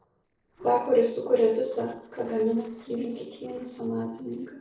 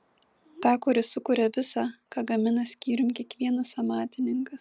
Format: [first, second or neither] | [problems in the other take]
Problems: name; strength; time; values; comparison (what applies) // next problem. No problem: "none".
second | noise reduction (neural separator model SepFormer DNS4)